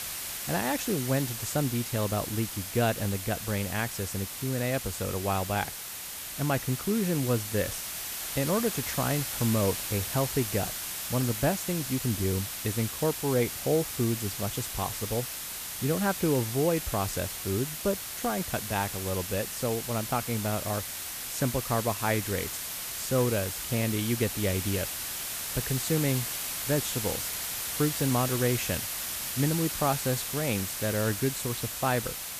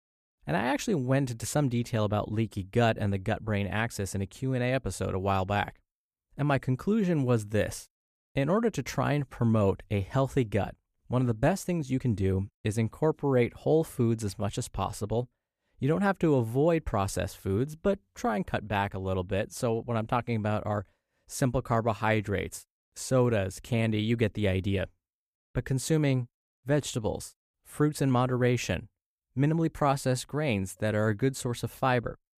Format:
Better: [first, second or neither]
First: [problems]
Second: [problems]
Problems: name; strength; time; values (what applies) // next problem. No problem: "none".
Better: second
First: hiss; loud; throughout; 3 dB below the speech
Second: none